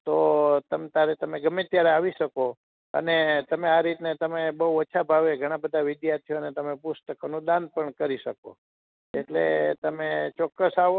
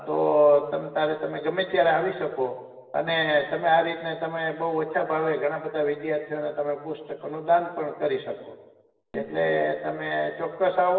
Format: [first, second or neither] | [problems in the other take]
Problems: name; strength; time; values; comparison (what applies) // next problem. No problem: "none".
first | room echo; dies away in 1.1 s